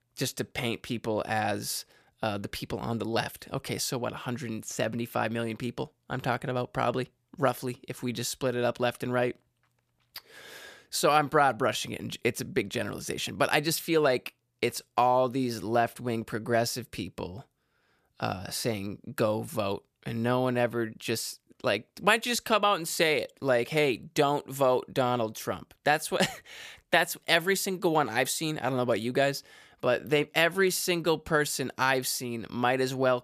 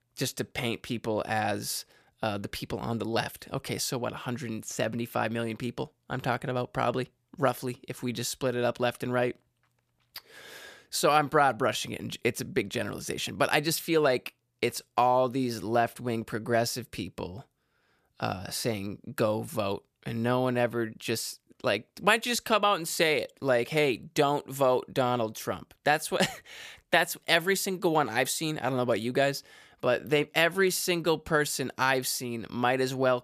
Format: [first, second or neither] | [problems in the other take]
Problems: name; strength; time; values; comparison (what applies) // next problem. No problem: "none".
neither | none